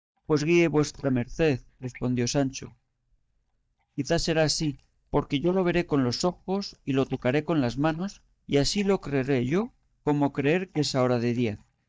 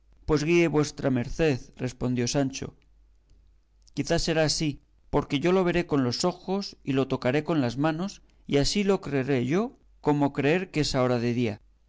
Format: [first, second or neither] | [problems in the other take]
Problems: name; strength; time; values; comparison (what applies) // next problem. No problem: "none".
second | noise reduction (neural mask model DeepFilterNet 3)